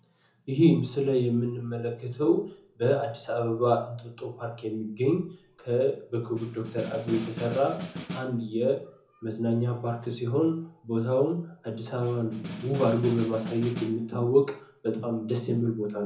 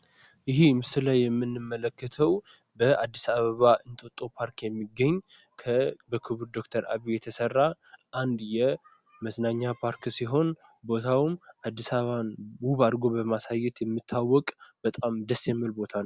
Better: second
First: background sound (Snare drum); 11 dB below the speech // room echo; dies away in 0.5 s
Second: none

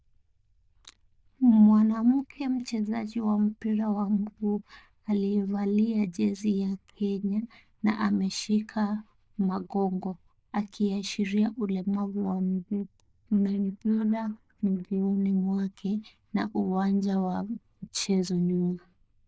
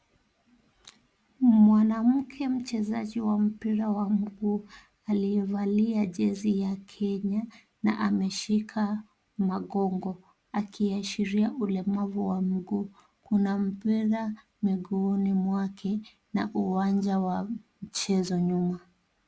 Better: second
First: noise reduction (neural diffusion model UNIVERSE++)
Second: none

